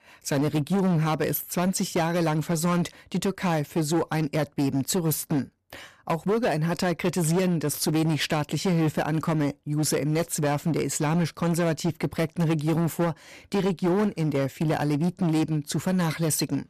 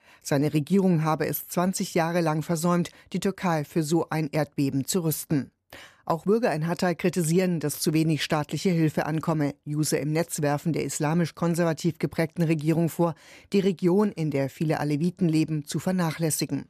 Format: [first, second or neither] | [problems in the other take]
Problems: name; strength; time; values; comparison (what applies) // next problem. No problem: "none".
second | distortion; slight; 15% of the sound clipped